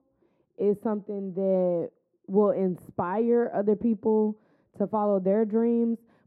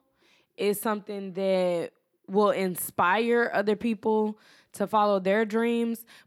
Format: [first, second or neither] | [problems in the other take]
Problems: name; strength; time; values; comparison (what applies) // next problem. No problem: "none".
second | muffled; very; fading above 1.5 kHz